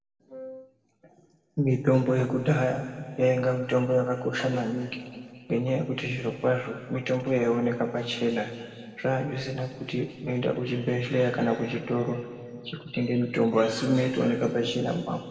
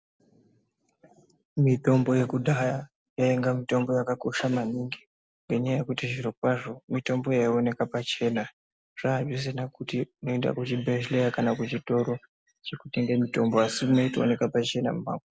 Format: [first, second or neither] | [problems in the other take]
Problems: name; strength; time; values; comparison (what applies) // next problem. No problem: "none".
second | background sound (Wind instrument, woodwind instrument); 16 dB below the speech // room echo; dies away in 2 s